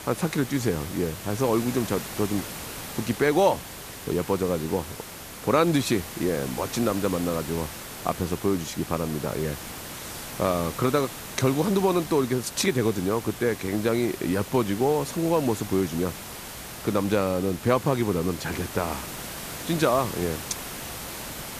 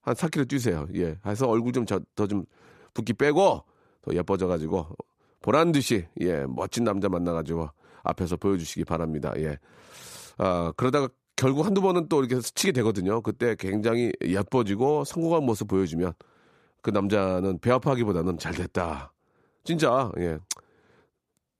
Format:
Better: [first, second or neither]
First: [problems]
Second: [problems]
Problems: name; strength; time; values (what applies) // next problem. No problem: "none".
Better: second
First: hiss; noticeable; throughout; 10 dB below the speech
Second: none